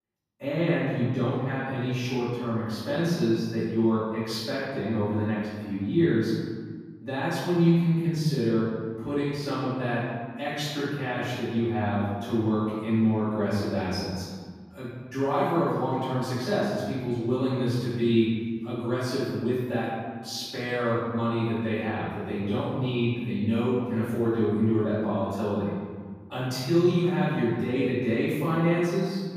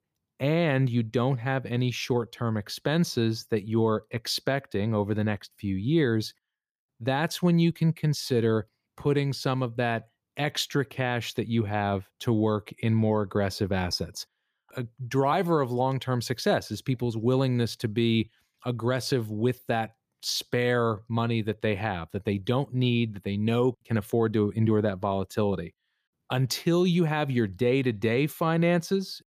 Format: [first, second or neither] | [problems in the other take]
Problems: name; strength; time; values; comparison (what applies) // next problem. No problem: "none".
second | room echo; strong; dies away in 1.6 s // off-mic speech; far